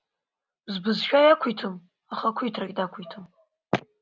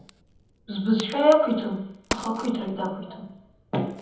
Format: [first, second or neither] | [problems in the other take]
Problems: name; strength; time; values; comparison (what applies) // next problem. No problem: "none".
first | background sound (Crack); 15 dB below the speech // room echo; dies away in 1.1 s